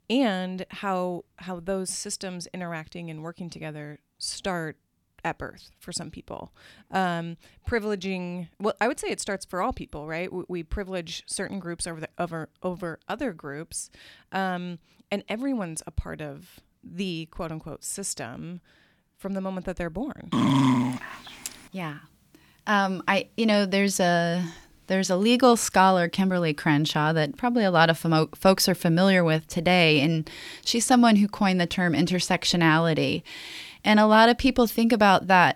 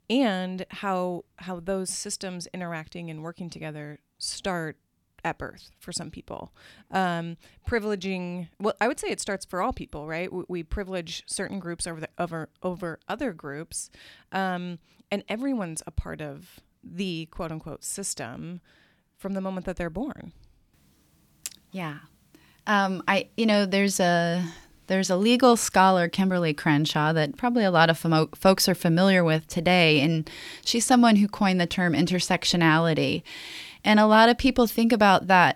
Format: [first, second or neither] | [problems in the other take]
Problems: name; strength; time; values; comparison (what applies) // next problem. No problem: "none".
second | dog barking; loud; at 20 s; peak 4 dB above the speech